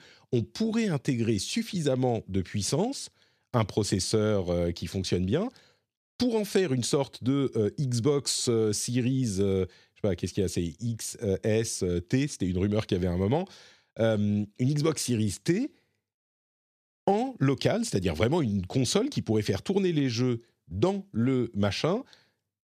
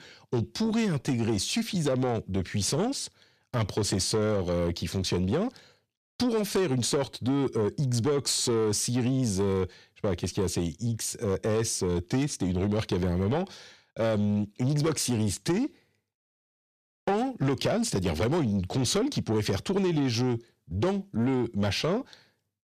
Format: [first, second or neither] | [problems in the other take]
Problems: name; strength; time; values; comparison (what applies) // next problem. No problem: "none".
first | distortion; slight; 10 dB below the speech